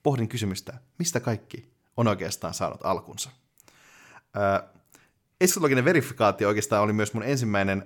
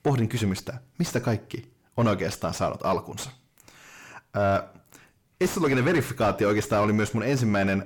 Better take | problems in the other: first | distortion; heavy; 7 dB below the speech

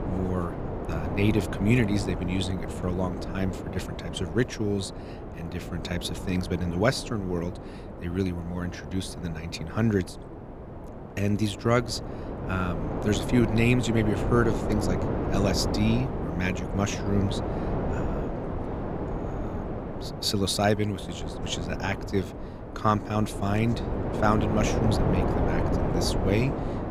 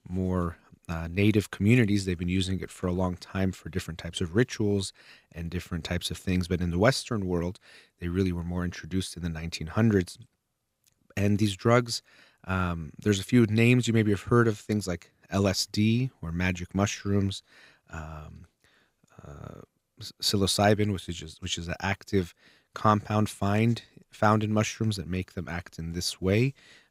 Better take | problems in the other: second | wind noise on the microphone; heavy; 4 dB below the speech

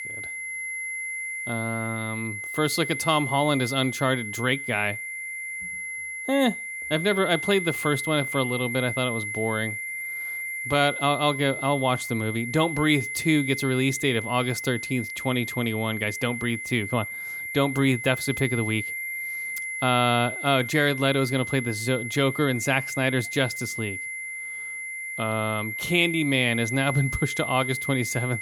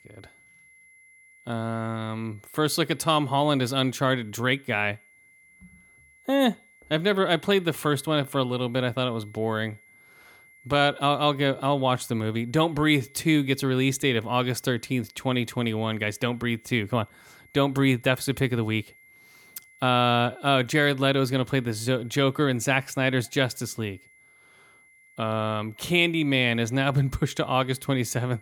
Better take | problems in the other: second | high-pitched whine; loud; throughout; 2 kHz, 5 dB below the speech; faint in the second

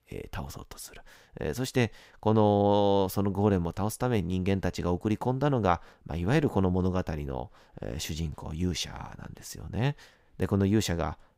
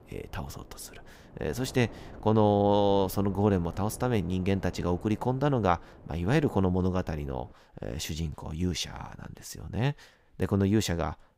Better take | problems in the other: first | wind noise on the microphone; occasional gusts; until 7.5 s; 20 dB below the speech

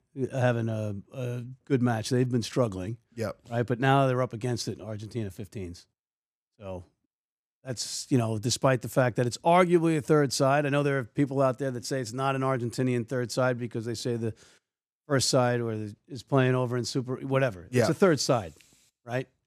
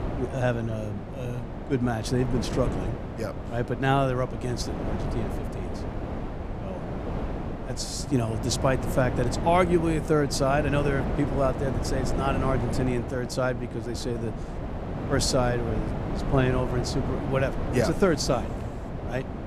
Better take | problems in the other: first | wind noise on the microphone; heavy; 8 dB below the speech

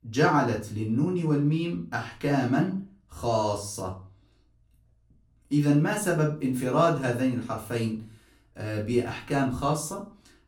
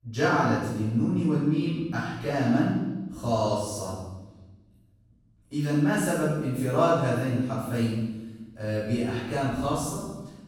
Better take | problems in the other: first | room echo; strong; dies away in 1.1 s; slight in the first // off-mic speech; far; far in the first

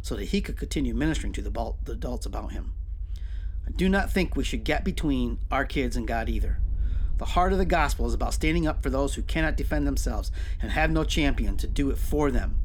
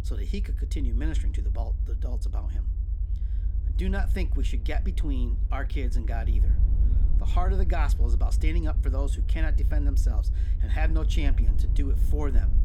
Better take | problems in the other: first | low rumble; loud; throughout; 10 dB below the speech; faint in the first

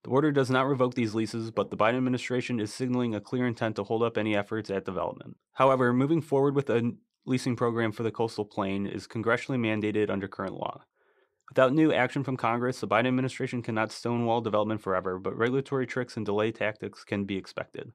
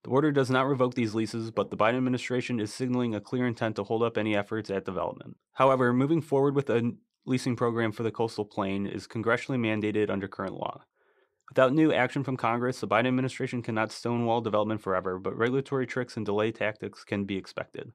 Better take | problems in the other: neither | none

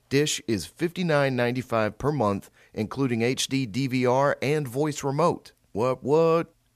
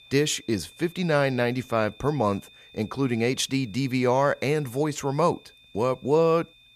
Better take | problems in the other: first | high-pitched whine; faint; throughout; 3.5 kHz, 25 dB below the speech

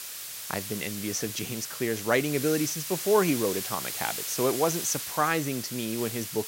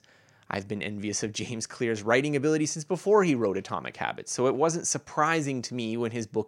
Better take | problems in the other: second | hiss; loud; throughout; 5 dB below the speech

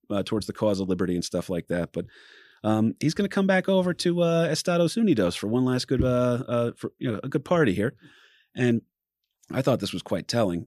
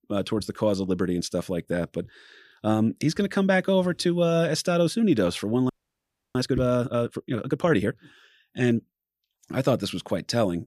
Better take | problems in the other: first | audio freezing; at 5.5 s for 0.5 s

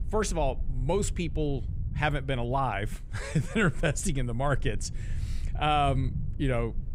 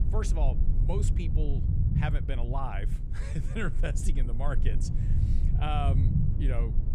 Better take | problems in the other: first | low rumble; loud; throughout; 6 dB below the speech; faint in the first

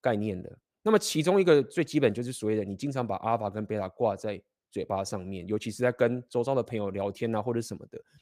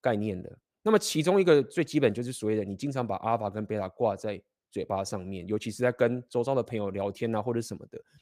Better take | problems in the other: neither | none

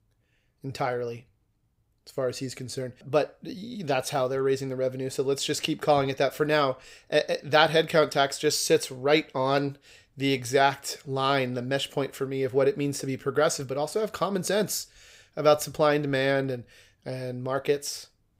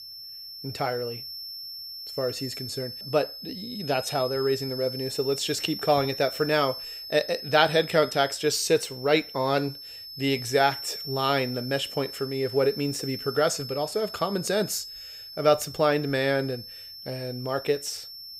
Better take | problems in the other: first | high-pitched whine; loud; throughout; 5.5 kHz, 10 dB below the speech

